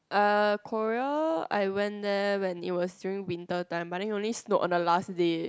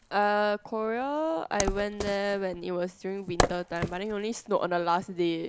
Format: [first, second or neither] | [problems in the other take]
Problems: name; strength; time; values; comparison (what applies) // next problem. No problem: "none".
first | background sound (Wood); 7 dB below the speech